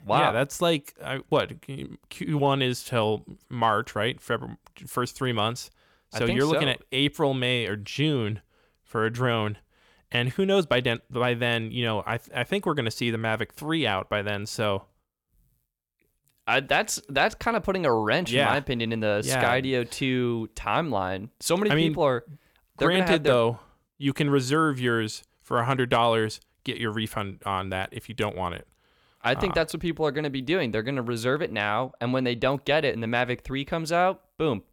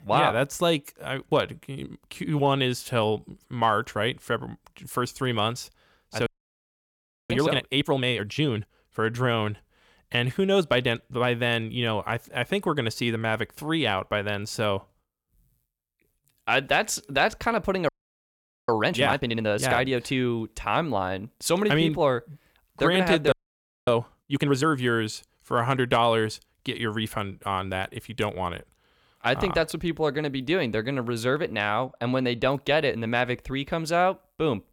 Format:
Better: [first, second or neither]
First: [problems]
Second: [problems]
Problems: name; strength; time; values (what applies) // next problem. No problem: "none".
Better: first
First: none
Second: audio freezing; at 6.5 s for 1 s, at 18 s for 1 s and at 23 s for 0.5 s